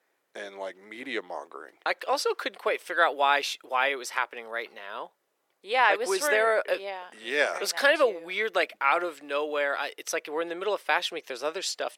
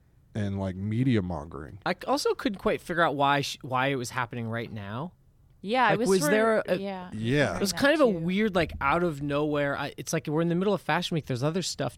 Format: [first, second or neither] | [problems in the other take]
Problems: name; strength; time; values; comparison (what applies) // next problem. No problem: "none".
second | thin; very; fading below 400 Hz